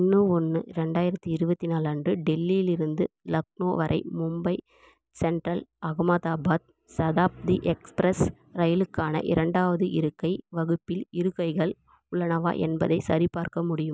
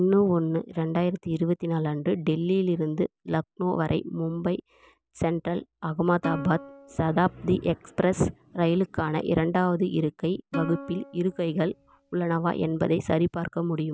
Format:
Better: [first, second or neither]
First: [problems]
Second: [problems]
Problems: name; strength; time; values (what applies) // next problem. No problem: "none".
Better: first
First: none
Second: background sound (Plucked string instrument); 14 dB below the speech